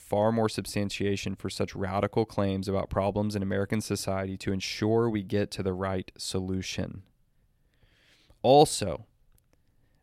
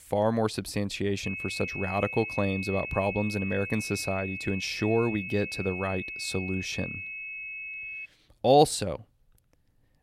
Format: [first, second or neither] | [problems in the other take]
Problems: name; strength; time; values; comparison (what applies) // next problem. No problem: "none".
first | high-pitched whine; loud; from 1 to 8 s; 2.5 kHz, 6 dB below the speech